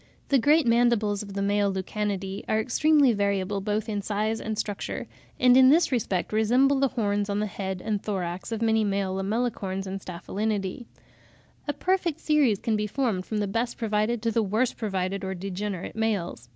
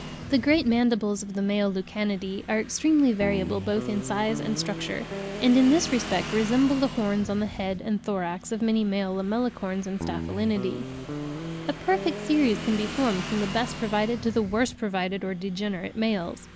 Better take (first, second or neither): first